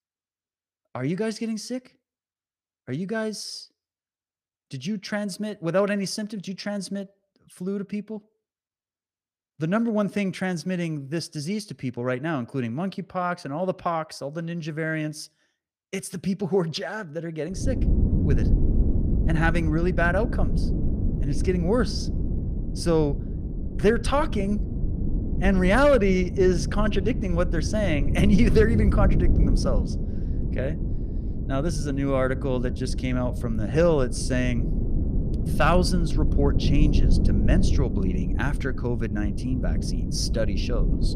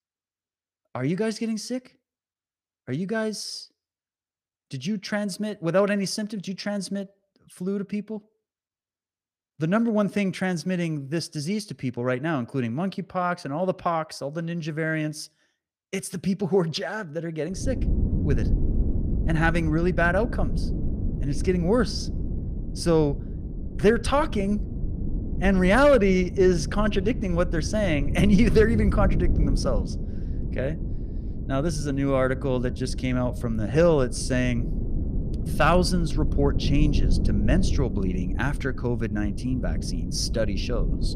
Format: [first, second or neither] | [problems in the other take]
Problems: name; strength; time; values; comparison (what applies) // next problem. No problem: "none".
second | wind noise on the microphone; heavy; from 18 s on; 10 dB below the speech; occasional gusts in the second